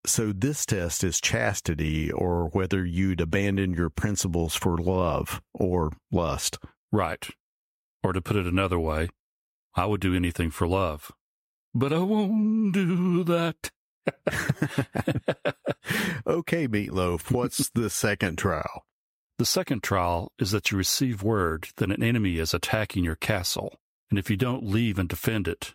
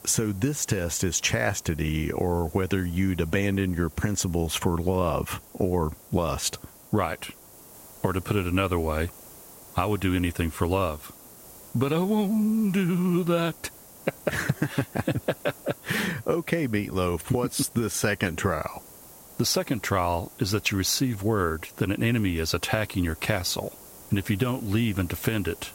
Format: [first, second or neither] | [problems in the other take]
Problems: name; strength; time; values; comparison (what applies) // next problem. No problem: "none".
first | hiss; noticeable; throughout; 20 dB below the speech